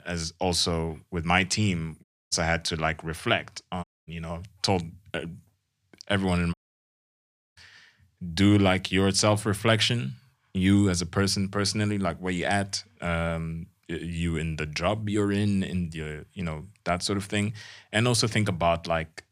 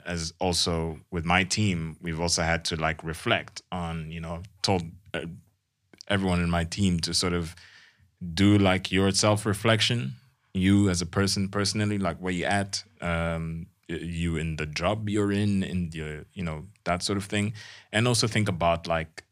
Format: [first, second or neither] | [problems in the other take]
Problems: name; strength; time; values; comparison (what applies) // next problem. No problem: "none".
second | audio cutting out; at 2 s, at 4 s and at 6.5 s for 1 s